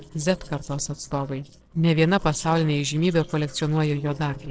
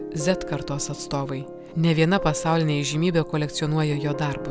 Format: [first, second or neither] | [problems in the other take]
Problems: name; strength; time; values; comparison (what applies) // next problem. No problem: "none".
second | noise reduction (neural separator model SepFormer DNS4)